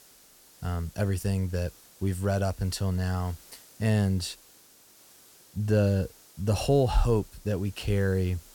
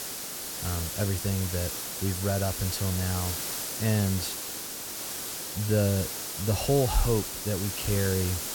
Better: first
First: hiss; faint; throughout; 25 dB below the speech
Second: hiss; loud; throughout; 3 dB below the speech

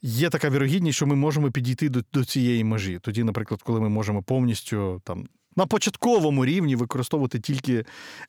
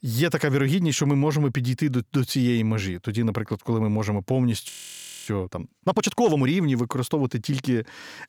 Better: first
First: none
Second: audio freezing; at 4.5 s for 0.5 s

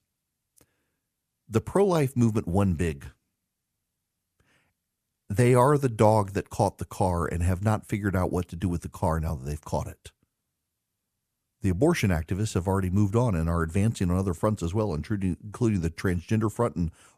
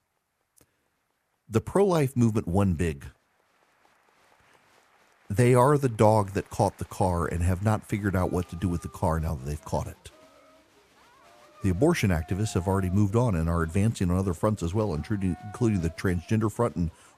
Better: first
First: none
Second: crowd noise; faint; throughout; 30 dB below the speech

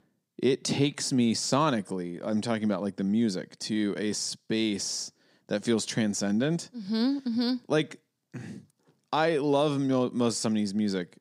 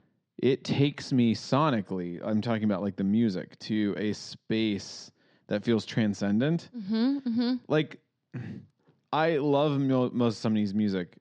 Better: first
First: none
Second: muffled; slightly; fading above 4 kHz

